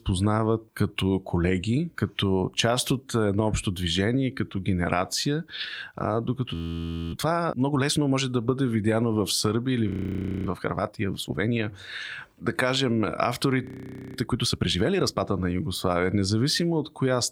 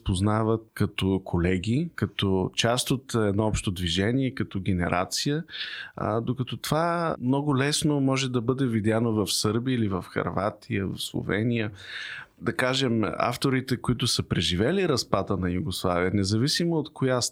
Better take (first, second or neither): second